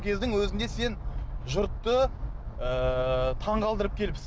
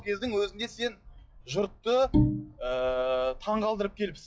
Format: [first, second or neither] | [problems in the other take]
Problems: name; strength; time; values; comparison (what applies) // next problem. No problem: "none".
first | noise reduction (classical method log-MMSE)